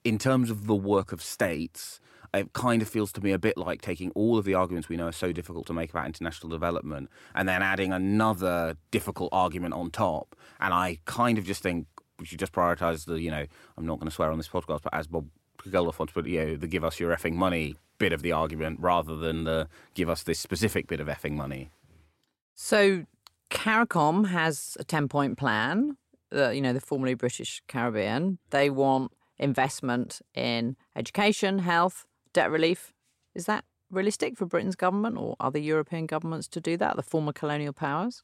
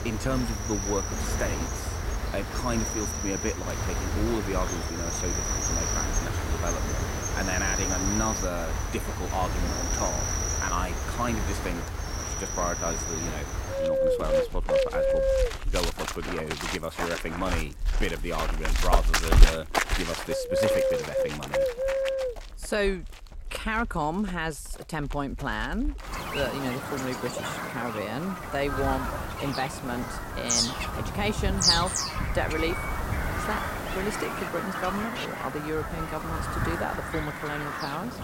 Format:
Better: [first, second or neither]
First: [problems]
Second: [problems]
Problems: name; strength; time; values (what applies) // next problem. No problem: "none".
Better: first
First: none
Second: animal sounds; very loud; throughout; 4 dB above the speech